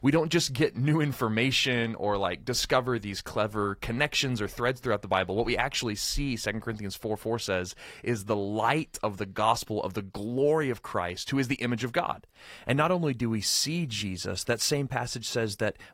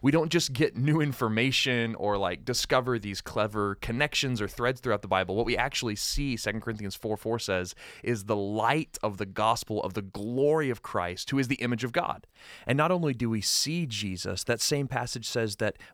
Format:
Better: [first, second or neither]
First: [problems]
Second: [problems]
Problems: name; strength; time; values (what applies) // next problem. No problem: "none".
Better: second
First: garbled, watery; slightly; nothing above 15.5 kHz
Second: none